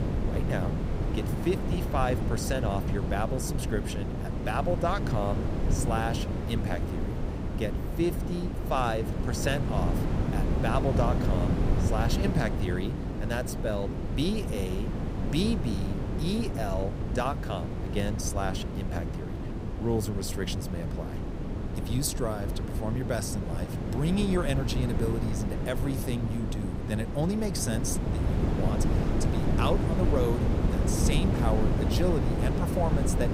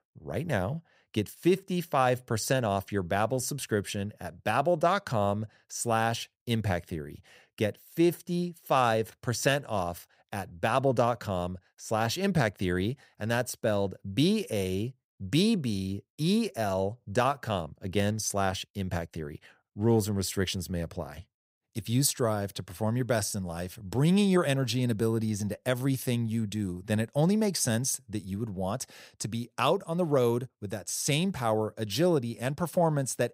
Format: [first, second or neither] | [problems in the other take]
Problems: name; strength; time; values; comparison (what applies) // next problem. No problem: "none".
second | wind noise on the microphone; heavy; 4 dB below the speech